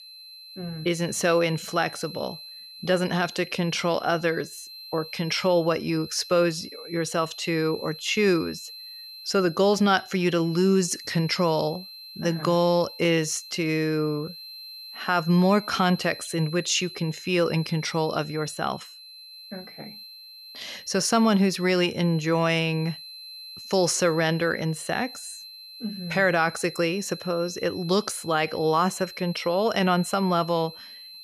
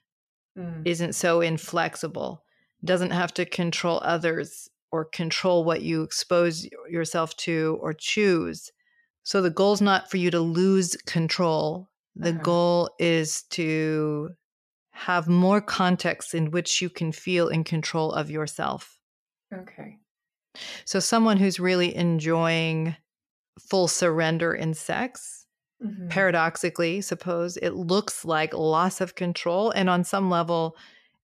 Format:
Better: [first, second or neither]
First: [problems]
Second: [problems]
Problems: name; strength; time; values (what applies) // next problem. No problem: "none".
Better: second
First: high-pitched whine; noticeable; throughout; 4 kHz, 15 dB below the speech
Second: none